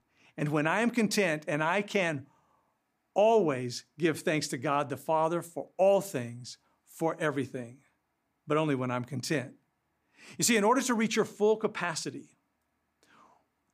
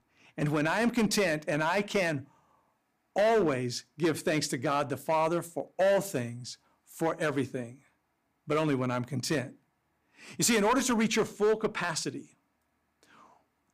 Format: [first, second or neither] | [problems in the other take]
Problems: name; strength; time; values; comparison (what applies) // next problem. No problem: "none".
first | distortion; slight; 5% of the sound clipped